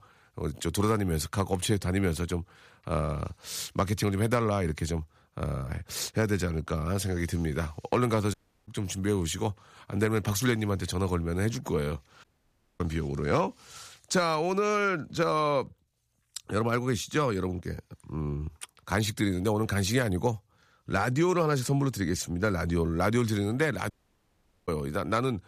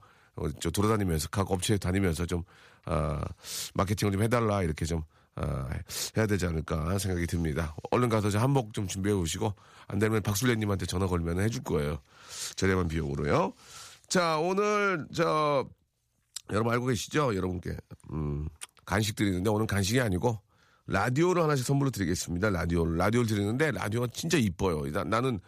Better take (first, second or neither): second